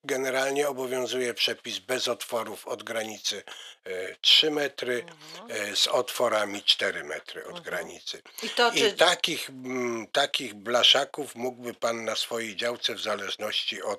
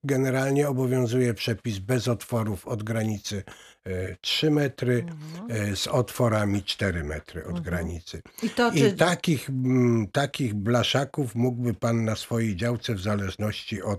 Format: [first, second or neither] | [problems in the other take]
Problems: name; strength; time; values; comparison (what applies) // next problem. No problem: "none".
second | thin; very; fading below 550 Hz